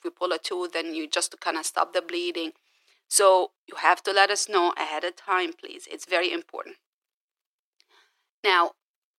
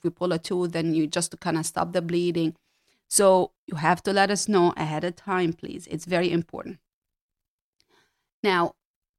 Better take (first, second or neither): second